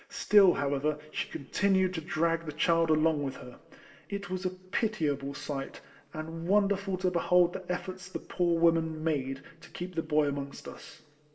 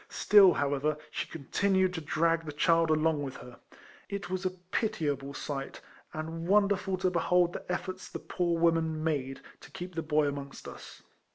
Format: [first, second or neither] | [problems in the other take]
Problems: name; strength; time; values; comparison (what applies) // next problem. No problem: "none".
second | room echo; dies away in 1.6 s